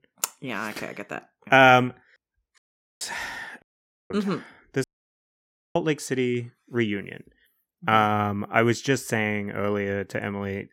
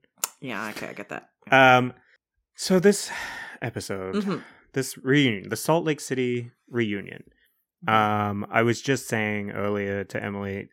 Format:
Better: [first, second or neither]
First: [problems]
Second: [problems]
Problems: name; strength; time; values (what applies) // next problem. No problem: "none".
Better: second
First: audio cutting out; at 2.5 s, at 3.5 s and at 5 s for 1 s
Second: none